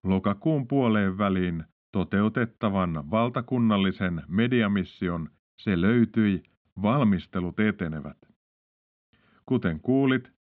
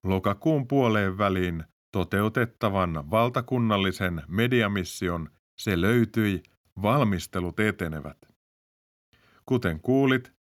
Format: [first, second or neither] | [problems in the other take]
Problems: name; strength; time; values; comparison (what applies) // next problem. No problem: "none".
second | muffled; very; fading above 3.5 kHz